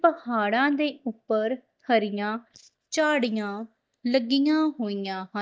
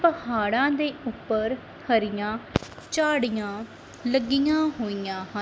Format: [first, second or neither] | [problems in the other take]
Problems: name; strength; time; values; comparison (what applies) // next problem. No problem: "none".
second | noise reduction (neural mask model DeepFilterNet 3)